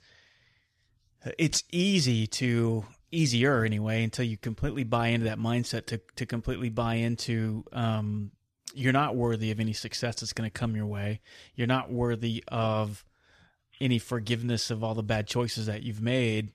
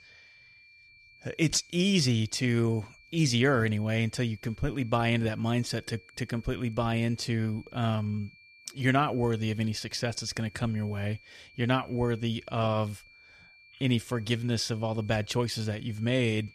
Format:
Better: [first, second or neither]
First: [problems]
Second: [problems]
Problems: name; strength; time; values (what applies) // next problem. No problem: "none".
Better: first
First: none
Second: high-pitched whine; faint; throughout; 2.5 kHz, 25 dB below the speech